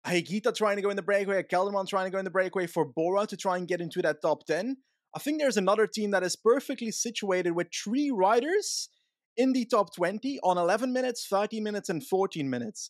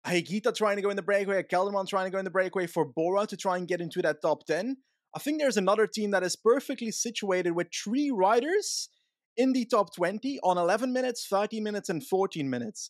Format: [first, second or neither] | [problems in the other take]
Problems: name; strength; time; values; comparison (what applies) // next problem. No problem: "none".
neither | none